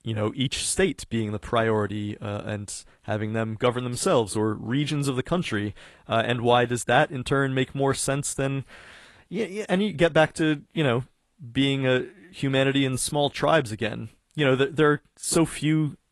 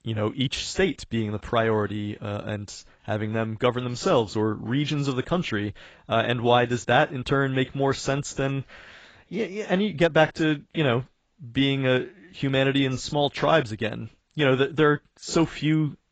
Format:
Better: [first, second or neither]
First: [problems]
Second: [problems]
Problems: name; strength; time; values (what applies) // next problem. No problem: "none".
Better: first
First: garbled, watery; slightly; nothing above 11 kHz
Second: garbled, watery; badly; nothing above 7.5 kHz